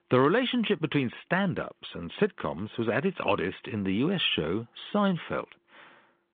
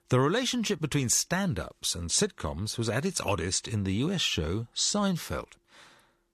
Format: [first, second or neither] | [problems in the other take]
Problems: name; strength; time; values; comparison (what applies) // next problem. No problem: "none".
second | phone-call audio; nothing above 3.5 kHz